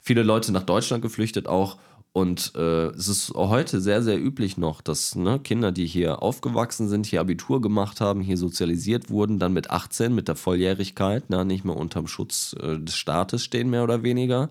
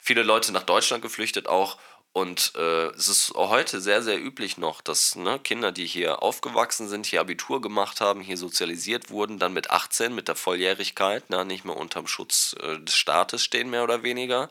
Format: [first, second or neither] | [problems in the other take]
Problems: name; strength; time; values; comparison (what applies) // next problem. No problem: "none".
first | thin; very; fading below 600 Hz